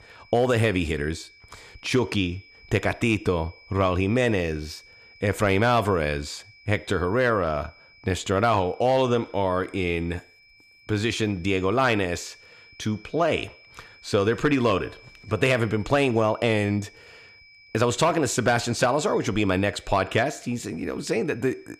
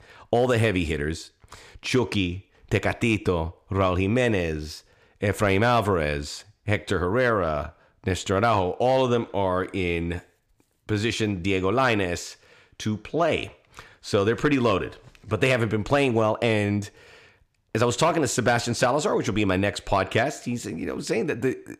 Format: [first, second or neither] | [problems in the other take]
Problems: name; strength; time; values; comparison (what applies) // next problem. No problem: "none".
second | high-pitched whine; faint; throughout; 2.5 kHz, 25 dB below the speech